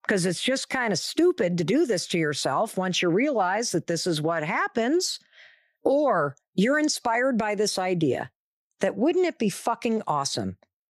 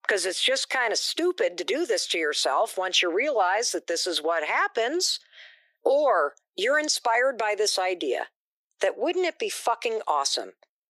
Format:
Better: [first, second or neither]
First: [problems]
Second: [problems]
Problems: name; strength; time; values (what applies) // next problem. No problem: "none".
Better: first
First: none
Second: thin; very; fading below 400 Hz